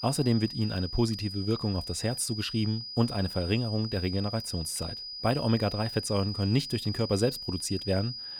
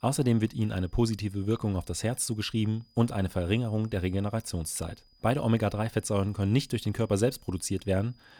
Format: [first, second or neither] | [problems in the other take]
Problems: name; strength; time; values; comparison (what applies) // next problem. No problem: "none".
second | high-pitched whine; loud; throughout; 5 kHz, 7 dB below the speech; faint in the second